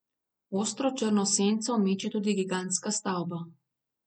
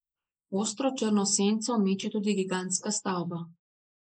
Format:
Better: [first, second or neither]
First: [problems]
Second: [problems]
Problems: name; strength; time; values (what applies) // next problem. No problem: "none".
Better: first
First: none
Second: noise reduction (neural mask model Resemble Enhance denoiser)